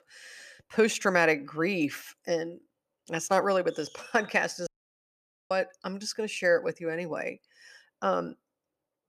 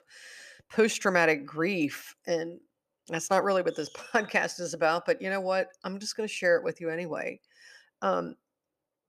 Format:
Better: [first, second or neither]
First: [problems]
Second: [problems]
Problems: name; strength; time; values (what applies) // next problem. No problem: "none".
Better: second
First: audio cutting out; at 4.5 s for 1 s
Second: none